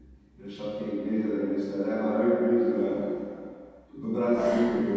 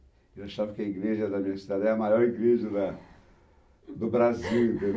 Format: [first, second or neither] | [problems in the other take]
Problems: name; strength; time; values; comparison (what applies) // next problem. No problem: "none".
second | background sound (Piano); 7 dB below the speech // room echo; dies away in 2.1 s